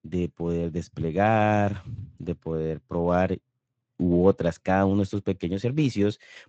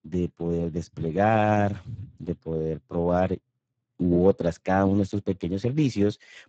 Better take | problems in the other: first | garbled, watery; badly; nothing above 7.5 kHz; slightly in the first

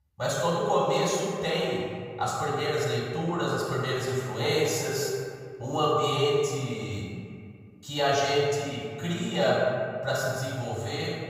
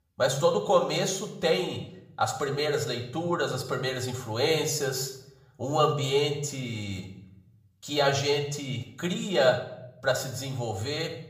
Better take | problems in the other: second | room echo; strong; dies away in 1.8 s; slight in the second // off-mic speech; far; somewhat distant in the second

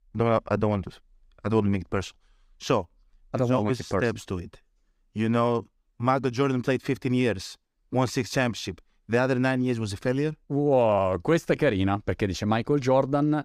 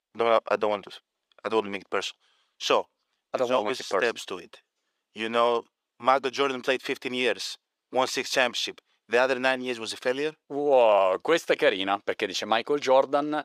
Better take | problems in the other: first | thin; somewhat; fading below 550 Hz

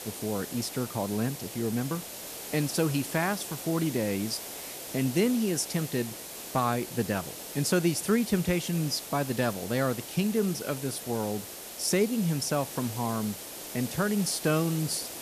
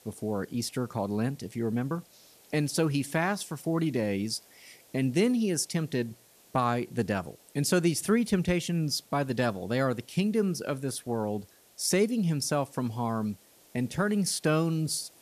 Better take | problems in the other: second | hiss; loud; throughout; 9 dB below the speech; faint in the second

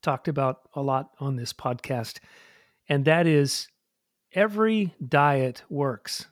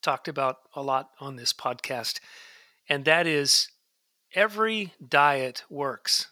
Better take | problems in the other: first | thin; somewhat; fading below 1 kHz

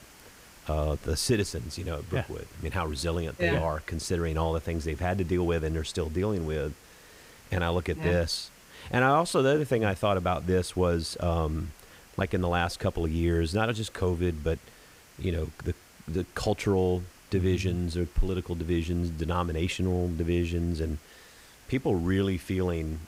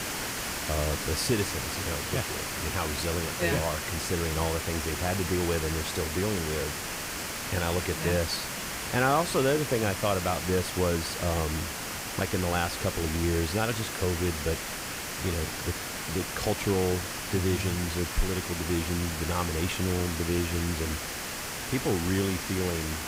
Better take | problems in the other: first | hiss; loud; throughout; 2 dB below the speech; faint in the first

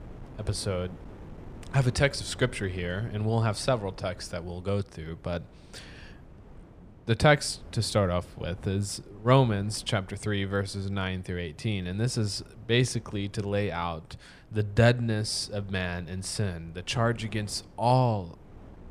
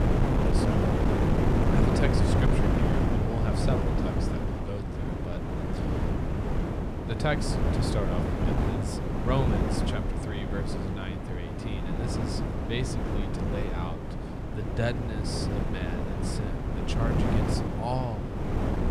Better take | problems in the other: first | wind noise on the microphone; heavy; 3 dB above the speech; occasional gusts in the first

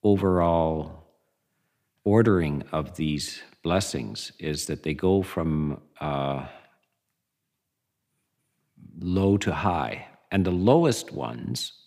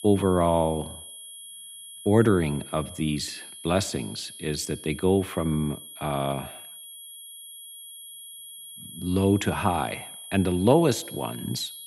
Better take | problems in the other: first | high-pitched whine; noticeable; throughout; 3.5 kHz, 15 dB below the speech

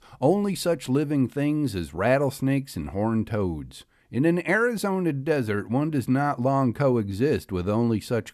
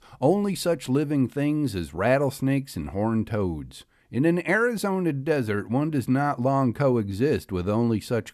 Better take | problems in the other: neither | none

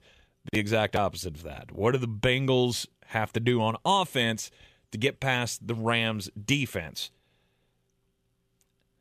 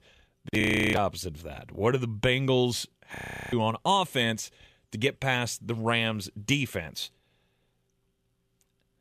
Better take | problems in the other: first | audio freezing; at 0.5 s and at 3 s

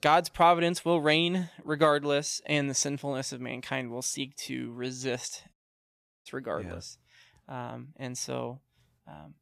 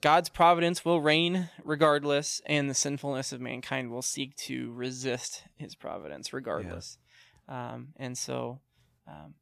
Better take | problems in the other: second | audio cutting out; at 5.5 s for 0.5 s

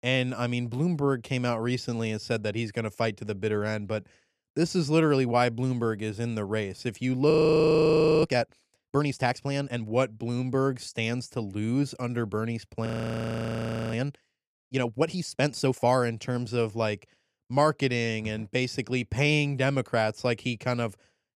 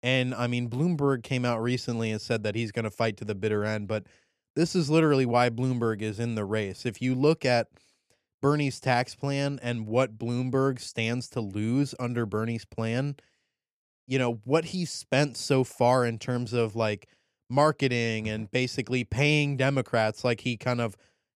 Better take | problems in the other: second | audio freezing; at 7.5 s for 1 s and at 13 s for 1 s

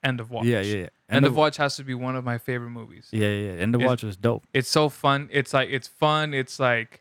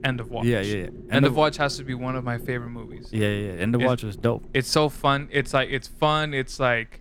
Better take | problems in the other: first | low rumble; faint; throughout; 25 dB below the speech

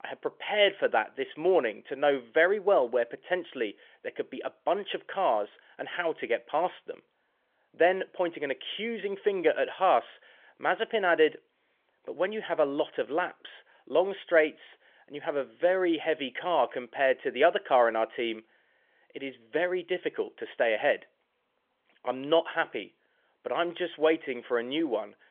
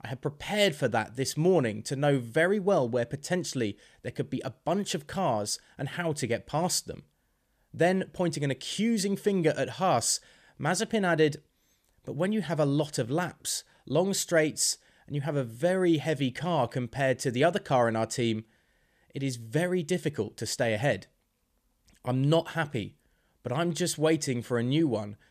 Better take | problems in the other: second | phone-call audio; nothing above 3.5 kHz

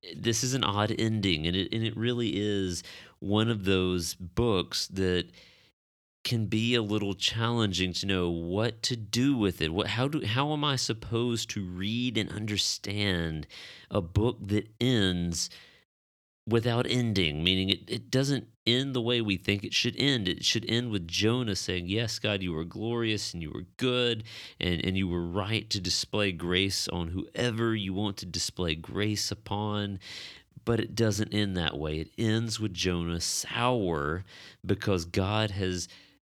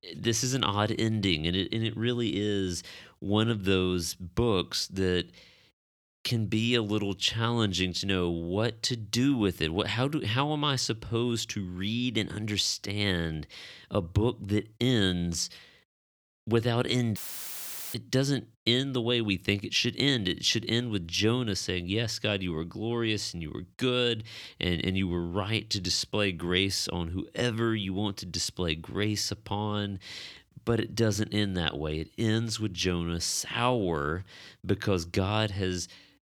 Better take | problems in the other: first | audio cutting out; filled with static; at 17 s for 1 s

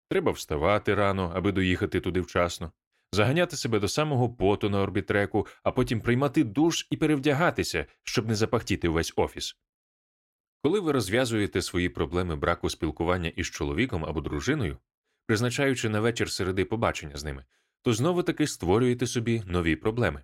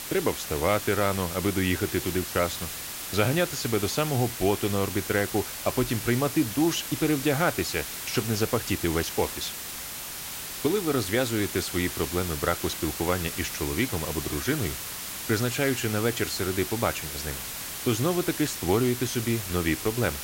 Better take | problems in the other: first | hiss; loud; throughout; 6 dB below the speech

